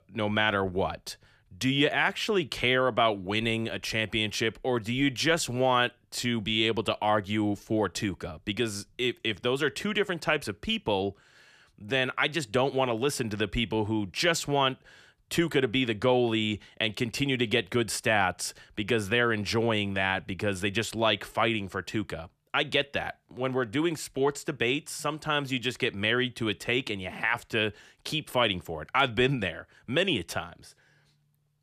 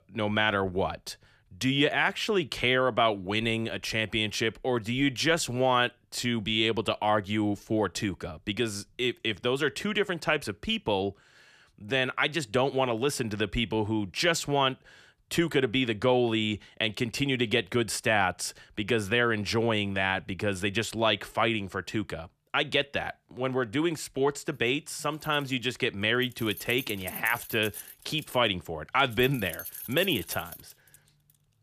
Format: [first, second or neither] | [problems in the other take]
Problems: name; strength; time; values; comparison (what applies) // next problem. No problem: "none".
first | jangling keys; noticeable; from 25 to 31 s; peak 9 dB below the speech